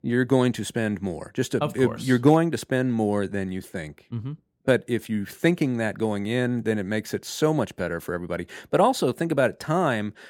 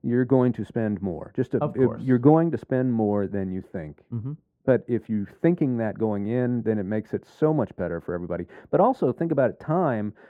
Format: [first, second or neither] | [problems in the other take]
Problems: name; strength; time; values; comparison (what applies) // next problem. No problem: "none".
first | muffled; very; fading above 2.5 kHz